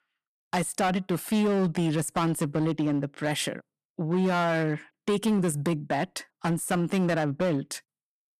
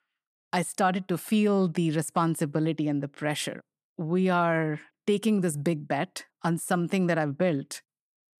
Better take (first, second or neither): second